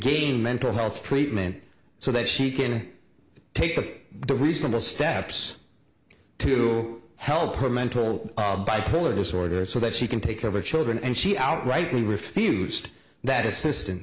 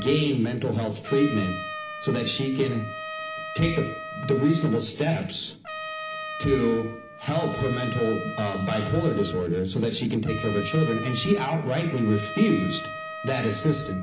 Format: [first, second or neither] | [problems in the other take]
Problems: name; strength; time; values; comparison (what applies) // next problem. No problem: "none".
first | background sound (Trumpet); 11 dB below the speech // room echo; dies away in 0.4 s